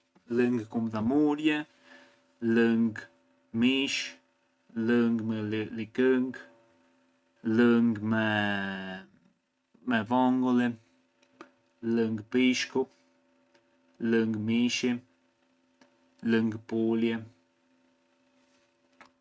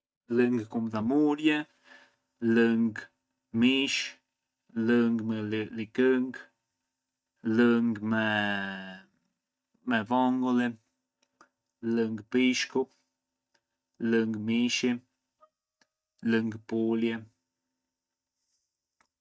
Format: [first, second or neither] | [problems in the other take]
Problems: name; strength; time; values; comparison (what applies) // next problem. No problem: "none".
first | noise reduction (neural mask model DeepFilterNet 3)